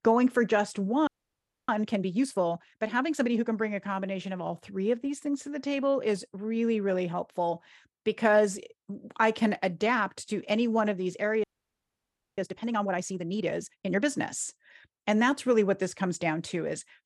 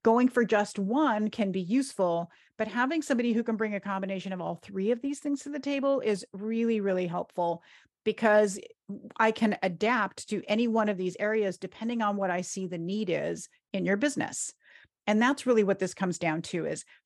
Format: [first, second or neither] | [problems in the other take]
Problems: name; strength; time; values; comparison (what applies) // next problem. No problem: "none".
second | audio freezing; at 1 s for 0.5 s and at 11 s for 1 s